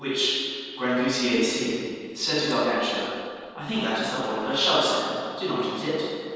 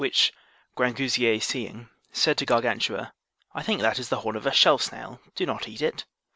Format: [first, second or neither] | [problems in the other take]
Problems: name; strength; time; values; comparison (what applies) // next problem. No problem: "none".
second | noise reduction (neural separator model SepFormer DNS4)